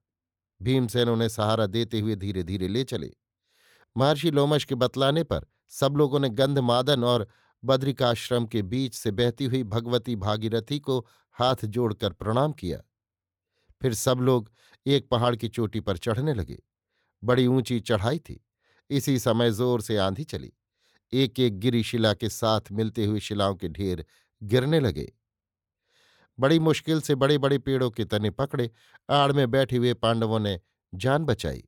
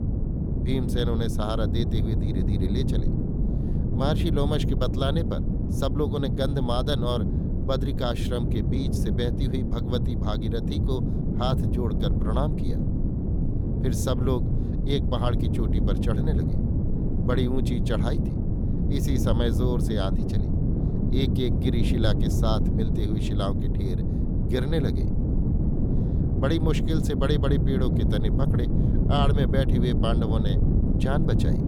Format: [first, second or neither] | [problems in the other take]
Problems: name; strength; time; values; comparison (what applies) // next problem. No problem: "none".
first | wind noise on the microphone; heavy; 4 dB below the speech